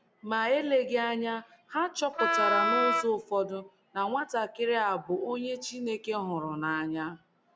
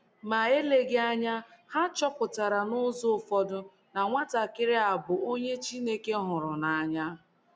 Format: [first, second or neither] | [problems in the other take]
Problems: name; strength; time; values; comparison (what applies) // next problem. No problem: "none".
second | background sound (Wind instrument, woodwind instrument); 3 dB above the speech